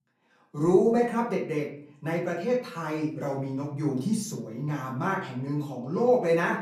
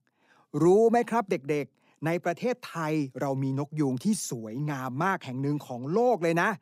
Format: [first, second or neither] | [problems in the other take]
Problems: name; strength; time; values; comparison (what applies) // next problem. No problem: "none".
second | off-mic speech; far // room echo; slight; dies away in 0.5 s